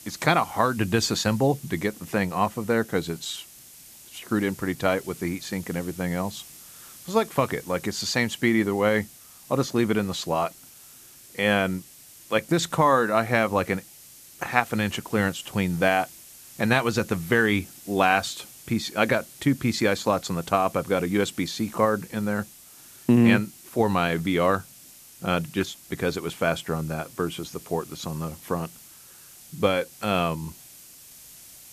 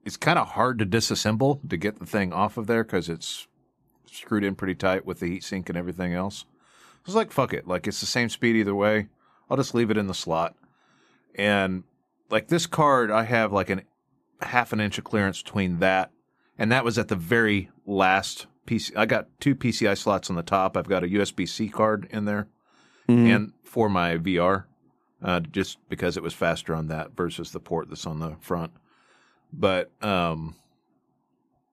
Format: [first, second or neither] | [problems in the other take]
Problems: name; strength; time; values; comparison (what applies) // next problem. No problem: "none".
second | hiss; noticeable; throughout; 20 dB below the speech